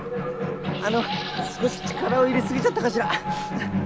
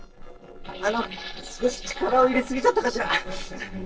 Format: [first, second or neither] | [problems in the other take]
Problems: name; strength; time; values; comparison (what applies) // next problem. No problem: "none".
first | noise reduction (neural separator model SepFormer DNS4)